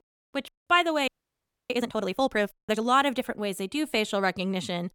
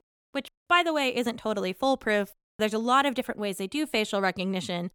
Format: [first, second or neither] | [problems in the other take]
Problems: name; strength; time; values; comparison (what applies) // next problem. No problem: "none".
second | audio freezing; at 1 s for 0.5 s